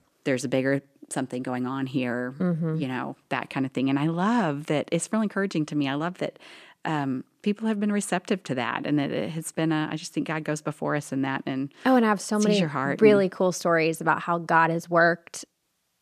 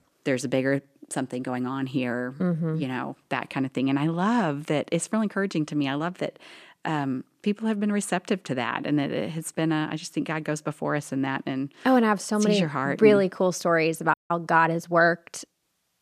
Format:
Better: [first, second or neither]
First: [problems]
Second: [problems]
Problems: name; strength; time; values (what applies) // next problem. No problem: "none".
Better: first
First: none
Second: audio cutting out; at 14 s